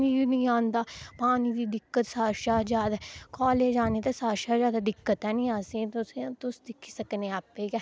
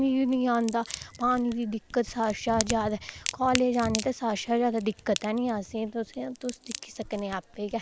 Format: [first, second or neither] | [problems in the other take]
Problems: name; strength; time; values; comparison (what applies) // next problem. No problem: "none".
first | background sound (Crack); 12 dB below the speech